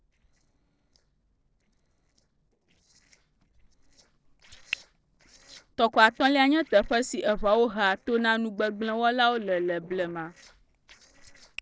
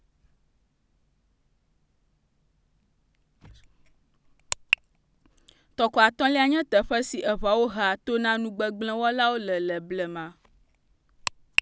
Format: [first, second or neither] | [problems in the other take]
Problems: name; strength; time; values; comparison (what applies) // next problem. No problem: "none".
second | noise reduction (neural separator model SepFormer DNS4)